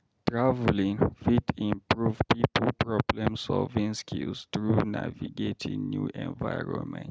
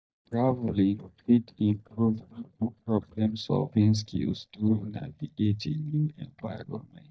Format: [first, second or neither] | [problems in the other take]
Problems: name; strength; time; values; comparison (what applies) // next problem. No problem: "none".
first | noise reduction (neural mask model DeepFilterNet 3)